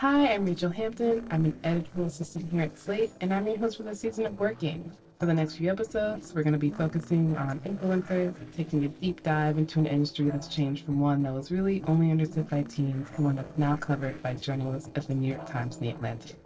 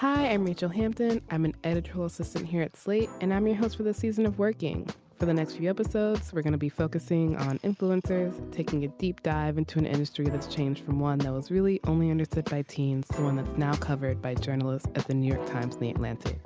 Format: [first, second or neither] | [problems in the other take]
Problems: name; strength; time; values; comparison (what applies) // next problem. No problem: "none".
second | noise reduction (neural separator model SepFormer DNS4)